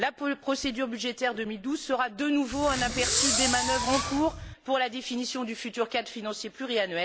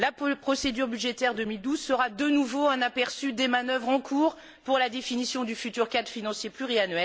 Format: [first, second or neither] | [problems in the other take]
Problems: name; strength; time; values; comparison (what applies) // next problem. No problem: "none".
second | background sound (Fireworks); 1 dB above the speech